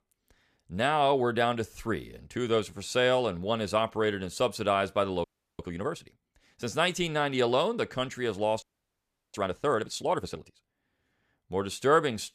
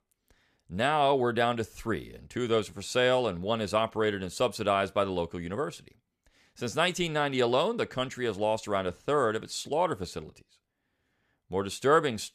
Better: second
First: audio freezing; at 5 s and at 8.5 s for 0.5 s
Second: none

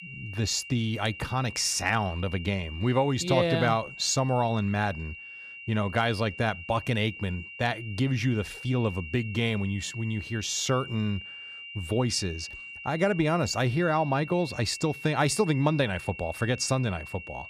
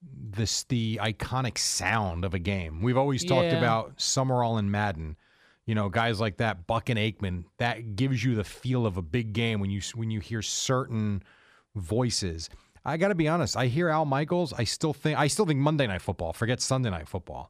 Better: second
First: high-pitched whine; noticeable; throughout; 3 kHz, 15 dB below the speech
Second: none

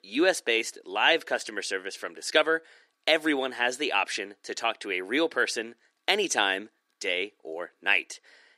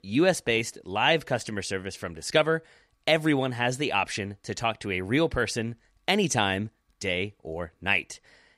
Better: second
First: thin; somewhat; fading below 300 Hz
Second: none

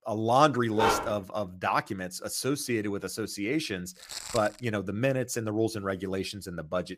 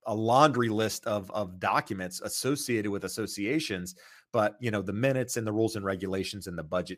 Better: second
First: dog barking; loud; at 1 s; peak 2 dB above the speech // footsteps; noticeable; at 4 s; peak 7 dB below the speech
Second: none

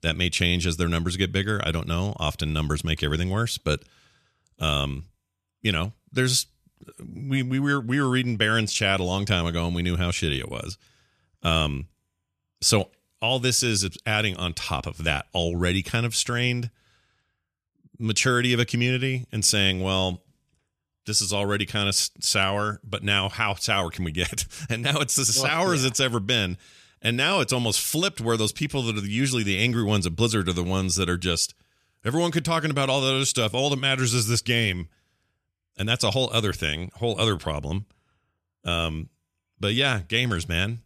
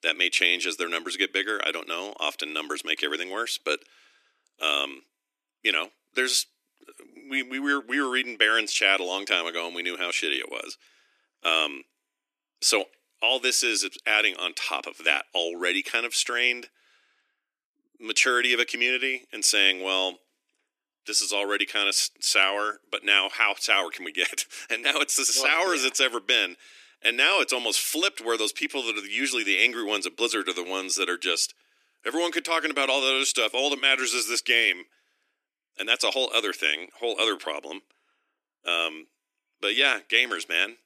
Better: first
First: none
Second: thin; very; fading below 300 Hz

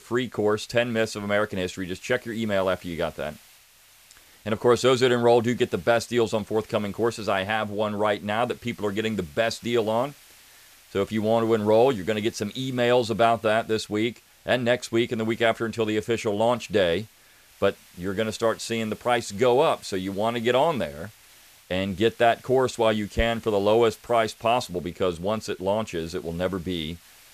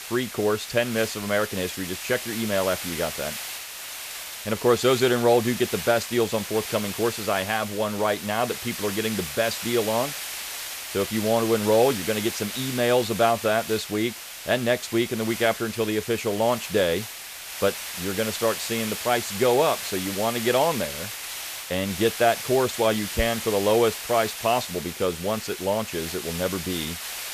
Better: first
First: hiss; faint; throughout; 25 dB below the speech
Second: hiss; loud; throughout; 7 dB below the speech

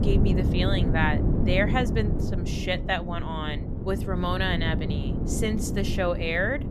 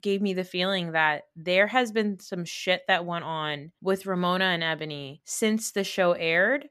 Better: second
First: wind noise on the microphone; heavy; 7 dB below the speech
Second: none

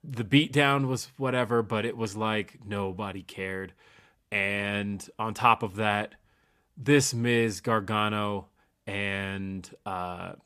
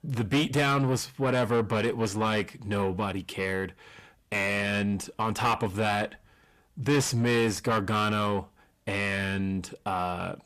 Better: first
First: none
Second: distortion; heavy; 6 dB below the speech

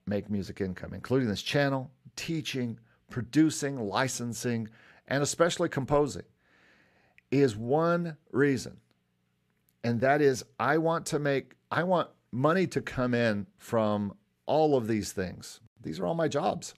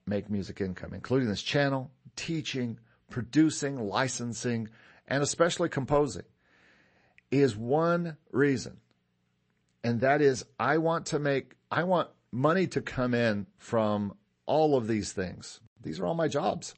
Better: first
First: none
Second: garbled, watery; slightly; nothing above 8 kHz

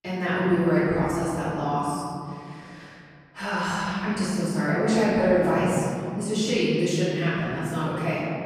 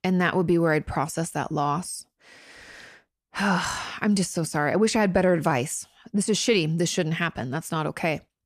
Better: second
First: off-mic speech; far // room echo; strong; dies away in 2.3 s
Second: none

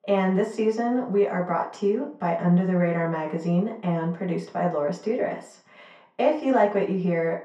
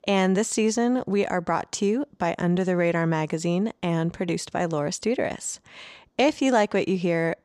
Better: second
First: room echo; slight; dies away in 0.4 s // off-mic speech; far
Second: none

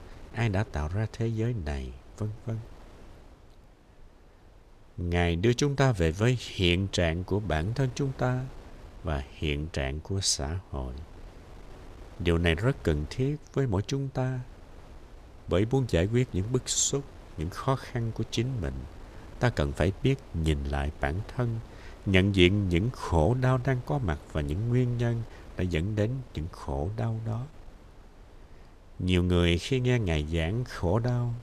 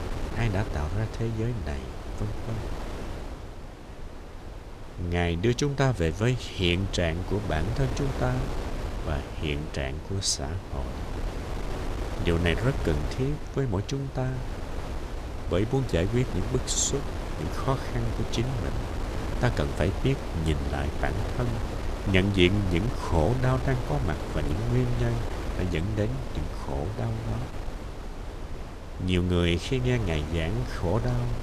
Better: first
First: wind noise on the microphone; occasional gusts; 25 dB below the speech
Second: wind noise on the microphone; heavy; 8 dB below the speech

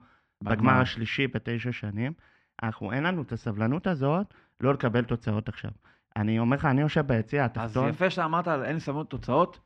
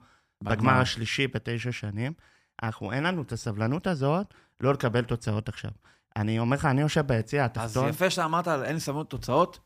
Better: second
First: muffled; slightly; fading above 2.5 kHz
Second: none

